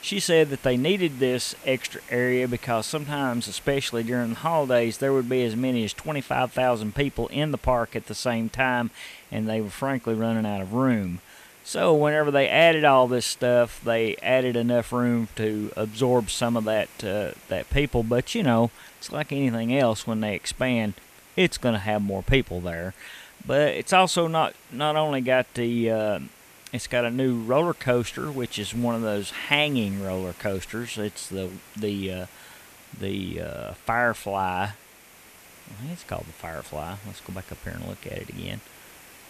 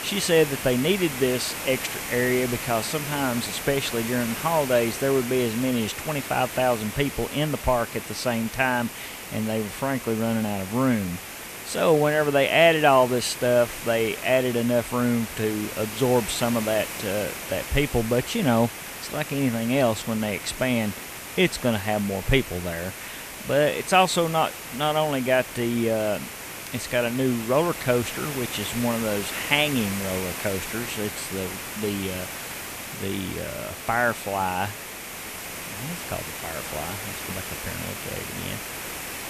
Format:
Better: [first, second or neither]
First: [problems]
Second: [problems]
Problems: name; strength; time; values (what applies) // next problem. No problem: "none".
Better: first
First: hiss; faint; throughout; 20 dB below the speech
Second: hiss; loud; throughout; 8 dB below the speech